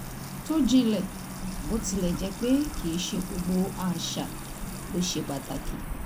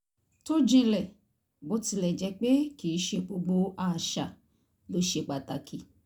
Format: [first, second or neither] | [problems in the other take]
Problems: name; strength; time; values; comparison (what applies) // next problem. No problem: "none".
second | background sound (Gull, seagull / Ocean + Trickle, dribble / Water tap, faucet / Music); 7 dB below the speech